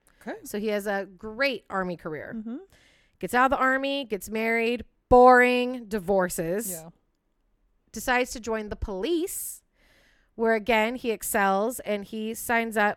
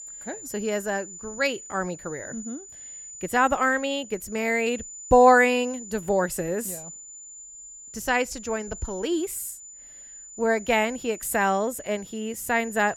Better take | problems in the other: first | high-pitched whine; noticeable; throughout; 7 kHz, 15 dB below the speech

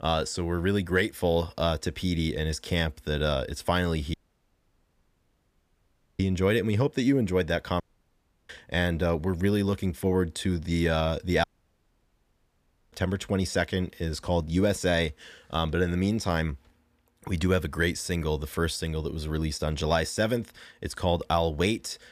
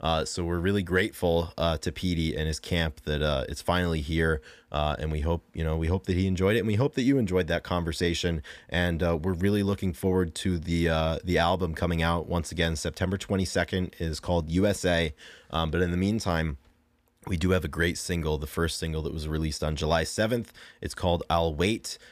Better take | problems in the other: second | audio cutting out; at 4 s for 2 s, at 8 s for 0.5 s and at 11 s for 1.5 s

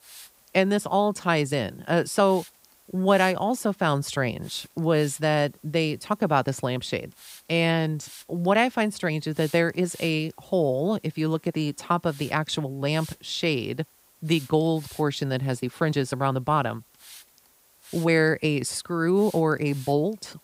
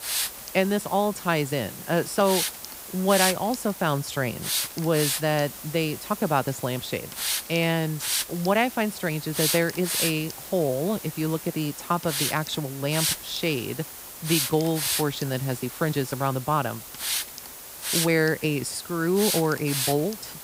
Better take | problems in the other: first | hiss; loud; throughout; 4 dB below the speech; faint in the first

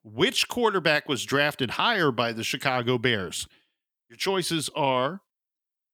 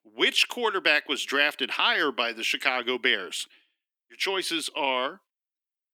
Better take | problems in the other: first | thin; very slightly; fading below 300 Hz

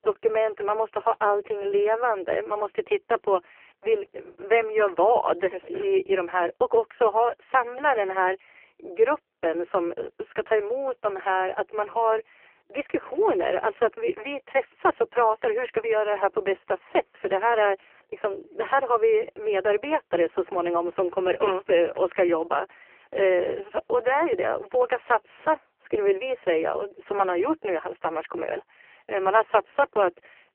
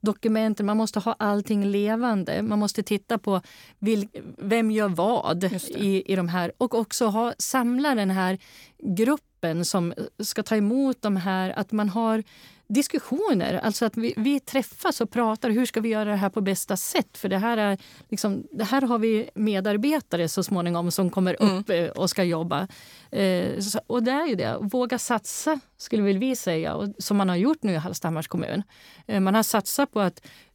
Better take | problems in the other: second | phone-call audio; poor line; nothing above 3 kHz

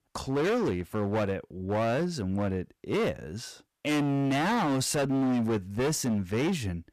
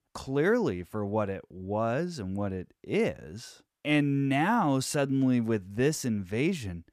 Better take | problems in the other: second | distortion; heavy; 21% of the sound clipped

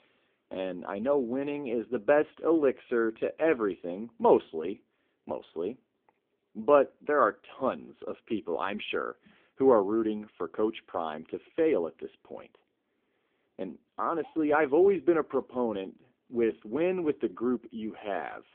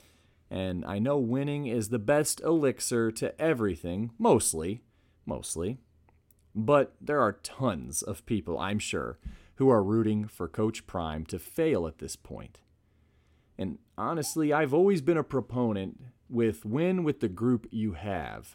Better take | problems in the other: second | phone-call audio; poor line; nothing above 3.5 kHz

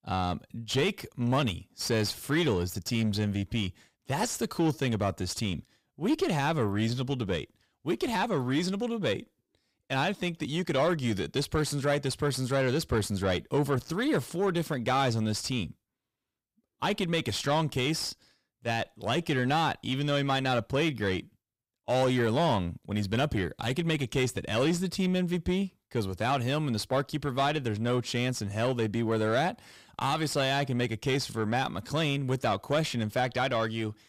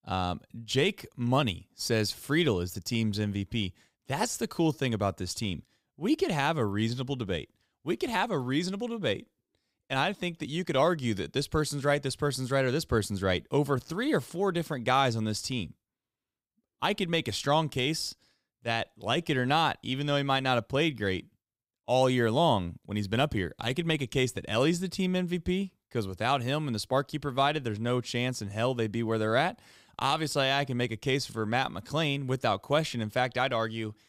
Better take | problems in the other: second | distortion; slight; 10 dB below the speech

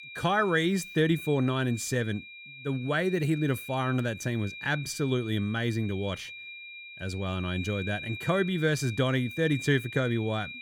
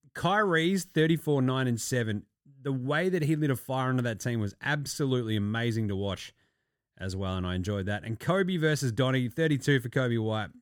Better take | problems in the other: second | high-pitched whine; noticeable; throughout; 2.5 kHz, 10 dB below the speech

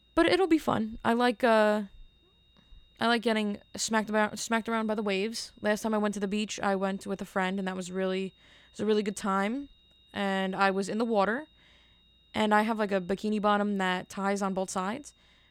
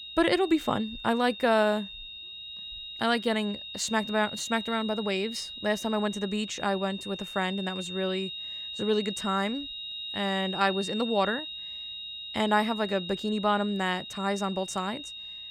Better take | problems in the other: first | high-pitched whine; loud; throughout; 3.5 kHz, 8 dB below the speech; faint in the first

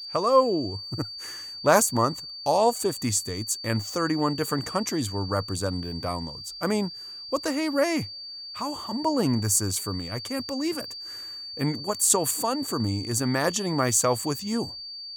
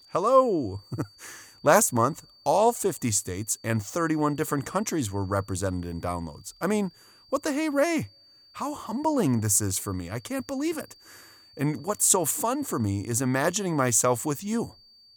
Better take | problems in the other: second | high-pitched whine; loud; throughout; 4.5 kHz, 10 dB below the speech; faint in the second

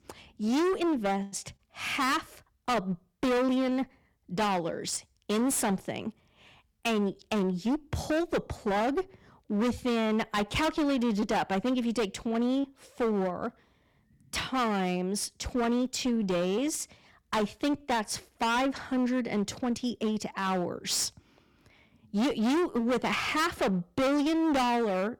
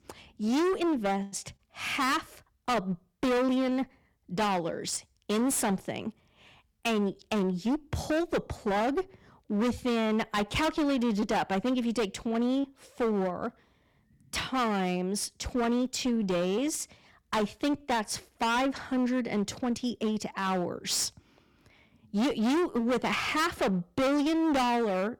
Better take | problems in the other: neither | distortion; heavy; 21% of the sound clipped; the same in both

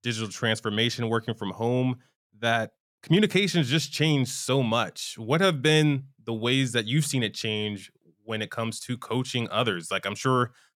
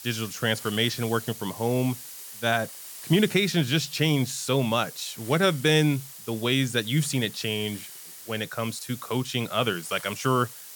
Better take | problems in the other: first | hiss; noticeable; throughout; 15 dB below the speech

